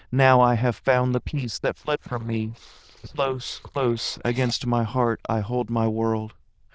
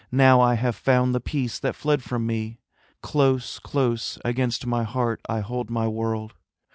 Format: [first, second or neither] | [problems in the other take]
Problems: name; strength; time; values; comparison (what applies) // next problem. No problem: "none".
second | noise reduction (neural diffusion model UNIVERSE++)